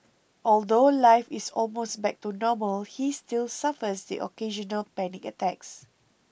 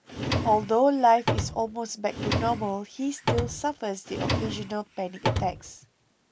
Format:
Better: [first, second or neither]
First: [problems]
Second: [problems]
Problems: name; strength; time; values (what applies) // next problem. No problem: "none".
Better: first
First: none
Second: background sound (Drawer open or close); 3 dB below the speech